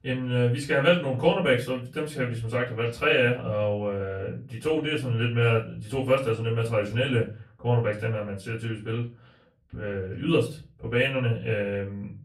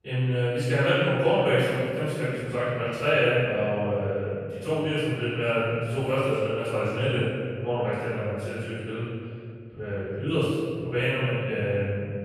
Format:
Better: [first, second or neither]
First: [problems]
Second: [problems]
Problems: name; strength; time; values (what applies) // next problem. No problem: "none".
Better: first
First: room echo; slight; dies away in 0.3 s // off-mic speech; far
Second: room echo; strong; dies away in 2.1 s // off-mic speech; far